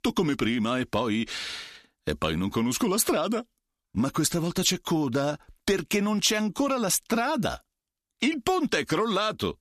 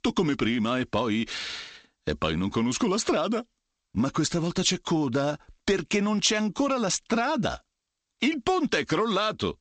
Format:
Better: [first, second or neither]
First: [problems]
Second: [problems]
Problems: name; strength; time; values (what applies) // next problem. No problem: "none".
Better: first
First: none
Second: garbled, watery; slightly; nothing above 8 kHz